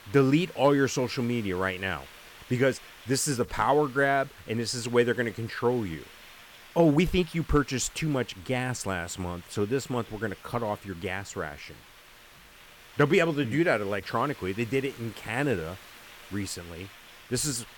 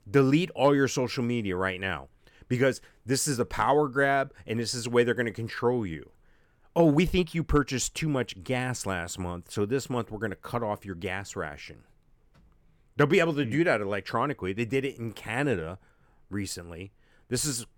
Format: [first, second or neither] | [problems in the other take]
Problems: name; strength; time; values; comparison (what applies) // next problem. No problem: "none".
second | hiss; faint; throughout; 20 dB below the speech